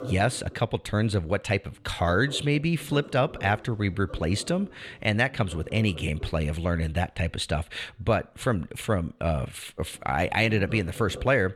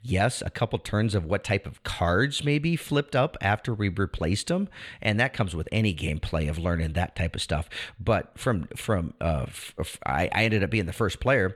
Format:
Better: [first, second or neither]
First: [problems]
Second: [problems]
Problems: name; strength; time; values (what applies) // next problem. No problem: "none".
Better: second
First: household noises; noticeable; throughout; 15 dB below the speech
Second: none